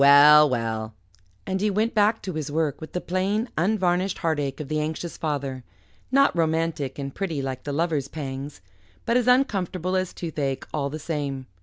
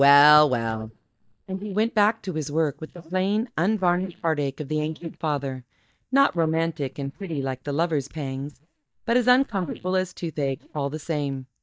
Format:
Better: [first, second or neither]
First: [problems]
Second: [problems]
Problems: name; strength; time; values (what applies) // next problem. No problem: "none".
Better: first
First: none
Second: noise reduction (neural mask model DeepFilterNet 3)